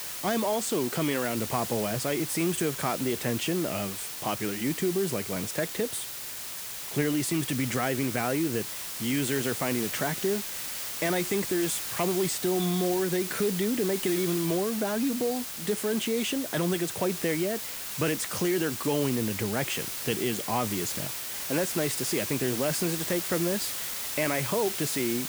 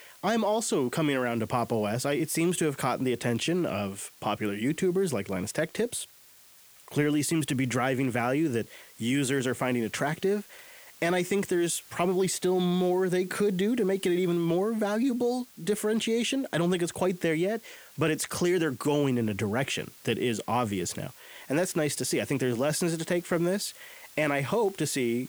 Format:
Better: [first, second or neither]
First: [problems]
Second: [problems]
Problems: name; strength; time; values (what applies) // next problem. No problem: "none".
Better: second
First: hiss; loud; throughout; 3 dB below the speech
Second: hiss; faint; throughout; 20 dB below the speech